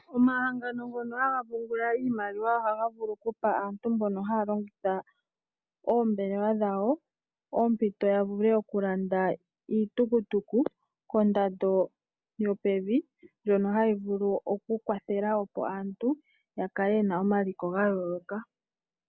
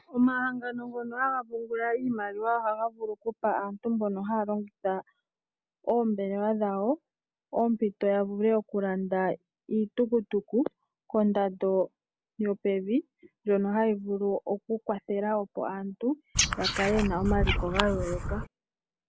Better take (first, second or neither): first